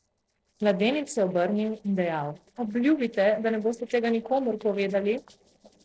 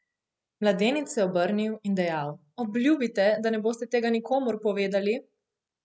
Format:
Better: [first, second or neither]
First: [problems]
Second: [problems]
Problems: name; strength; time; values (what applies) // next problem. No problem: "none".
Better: second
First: noise reduction (neural separator model SepFormer DNS4)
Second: none